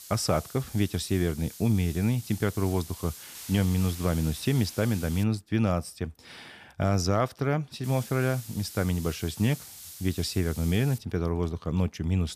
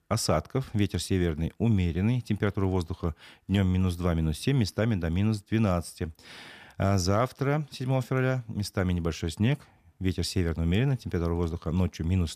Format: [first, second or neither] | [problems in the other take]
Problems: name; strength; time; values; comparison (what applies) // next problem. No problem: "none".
second | hiss; noticeable; until 5 s and from 8 to 11 s; 15 dB below the speech